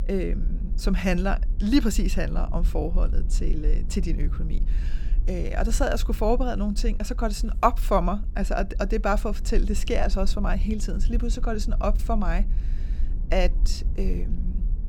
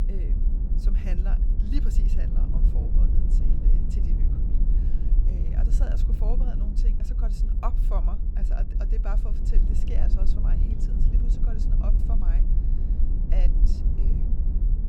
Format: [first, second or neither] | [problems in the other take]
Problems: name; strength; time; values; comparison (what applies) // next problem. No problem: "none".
first | low rumble; loud; throughout; 1 dB below the speech; faint in the first